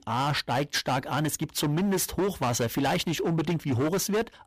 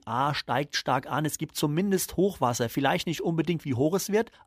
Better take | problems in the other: second | distortion; heavy; 20% of the sound clipped

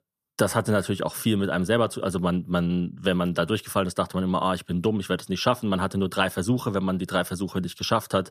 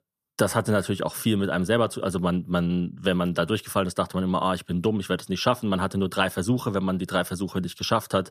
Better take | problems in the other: neither | none

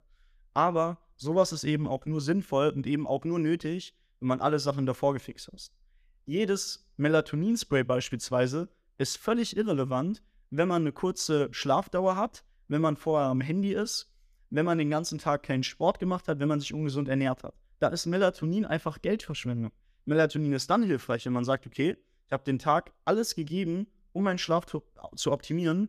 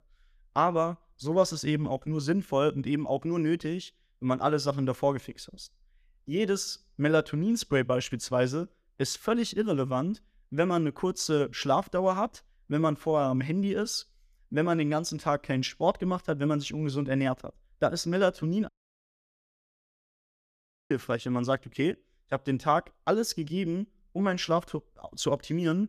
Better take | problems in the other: first | audio cutting out; at 19 s for 2 s

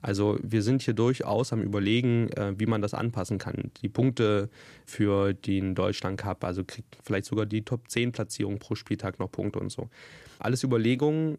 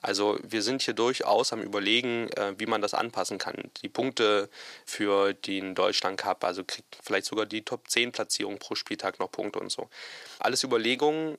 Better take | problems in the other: first | thin; somewhat; fading below 500 Hz

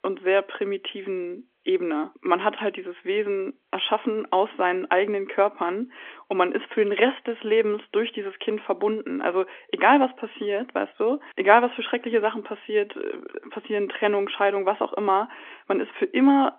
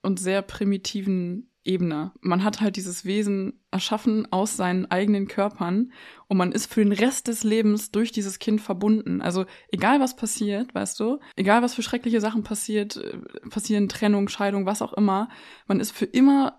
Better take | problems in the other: second | phone-call audio; nothing above 3.5 kHz

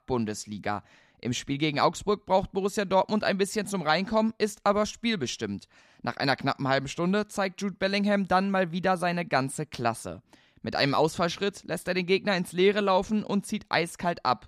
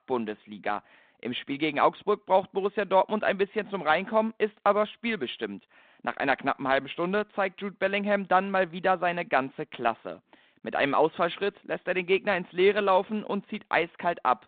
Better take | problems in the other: first | phone-call audio; nothing above 4 kHz

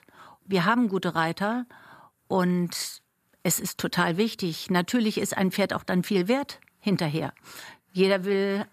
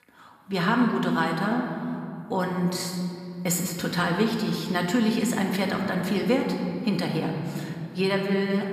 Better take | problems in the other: first | room echo; noticeable; dies away in 2.7 s // off-mic speech; somewhat distant

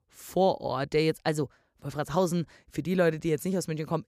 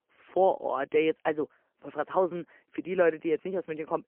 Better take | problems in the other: first | phone-call audio; poor line; nothing above 3 kHz

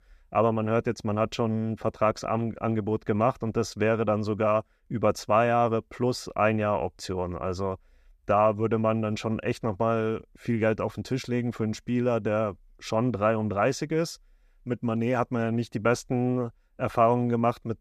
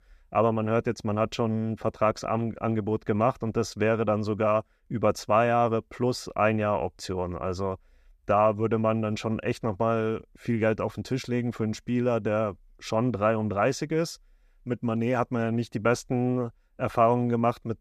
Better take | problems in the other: neither | none

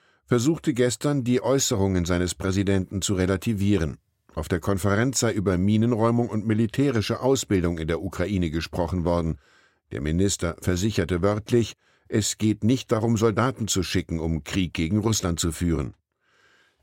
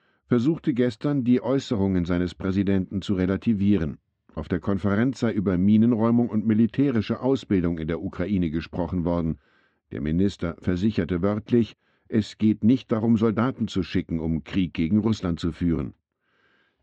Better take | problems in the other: first | muffled; slightly; fading above 3.5 kHz

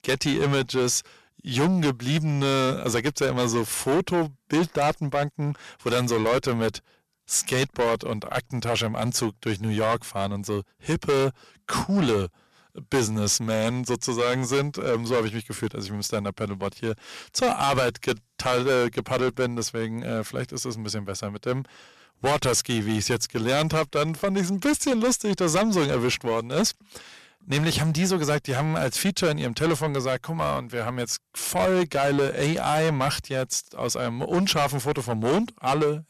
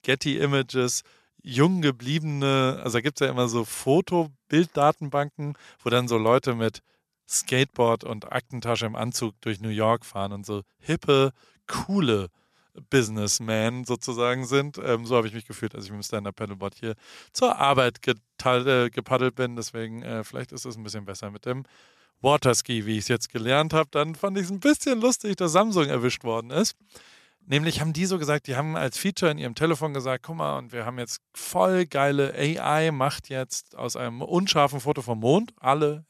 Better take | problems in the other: second | distortion; heavy; 6 dB below the speech

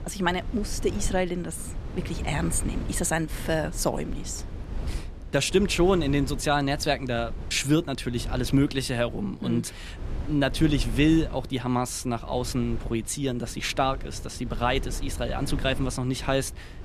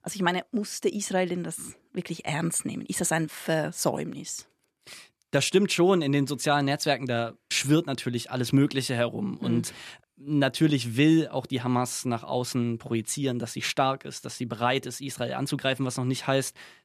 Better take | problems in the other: second | wind noise on the microphone; occasional gusts; 15 dB below the speech

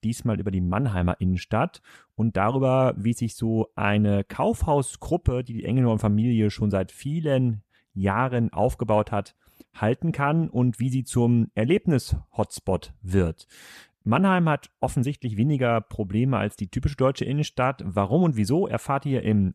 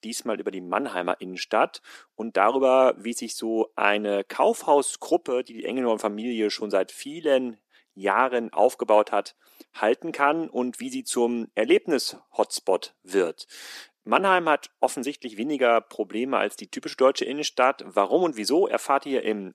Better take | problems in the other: first | thin; somewhat; fading below 300 Hz

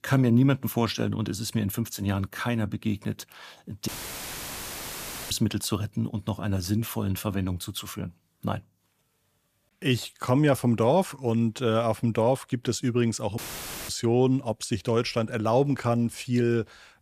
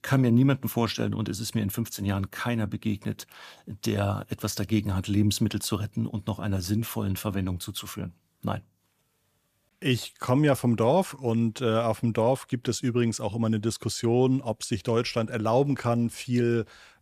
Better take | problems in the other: second | audio cutting out; filled with static; at 4 s for 1.5 s and at 13 s for 0.5 s

